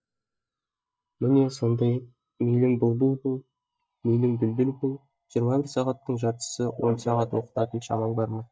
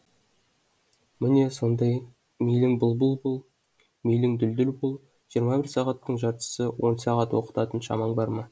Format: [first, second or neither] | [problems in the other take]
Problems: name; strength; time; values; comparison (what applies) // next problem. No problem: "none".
second | noise reduction (neural mask model DeepFilterNet 3)